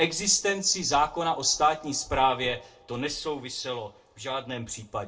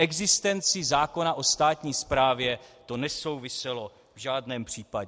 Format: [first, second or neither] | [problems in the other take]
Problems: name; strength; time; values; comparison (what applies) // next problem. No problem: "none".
second | room echo; dies away in 0.2 s